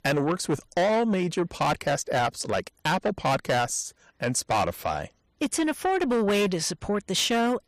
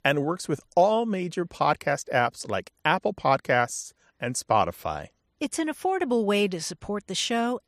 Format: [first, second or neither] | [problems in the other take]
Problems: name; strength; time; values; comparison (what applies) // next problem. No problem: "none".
second | distortion; heavy; 6 dB below the speech